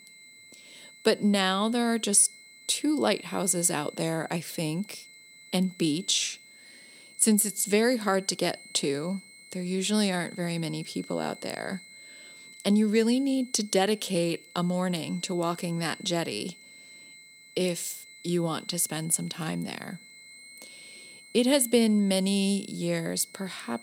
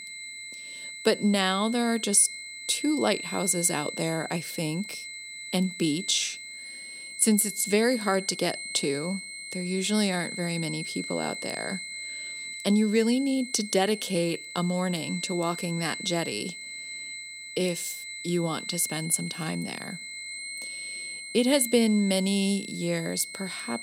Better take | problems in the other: first | high-pitched whine; loud; throughout; 2 kHz, 9 dB below the speech; faint in the first

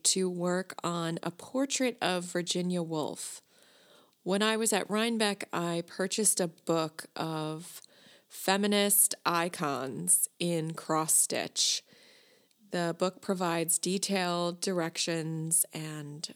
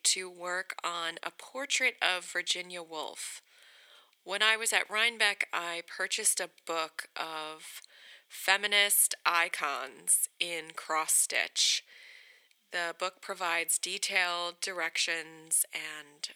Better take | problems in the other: first | thin; very; fading below 650 Hz

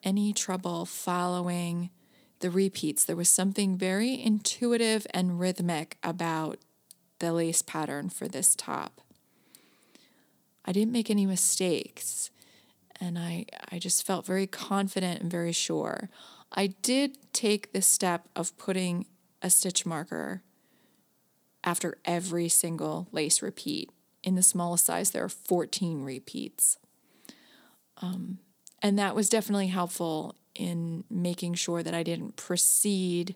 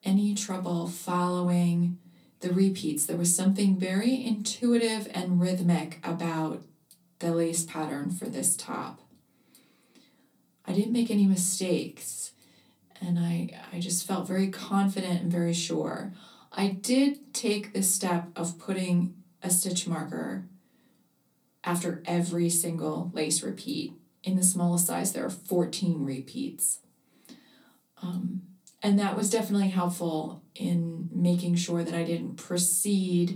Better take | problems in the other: first | off-mic speech; far // room echo; very slight; dies away in 0.3 s

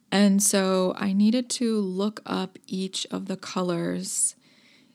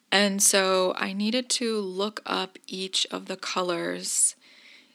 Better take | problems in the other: first | thin; somewhat; fading below 350 Hz

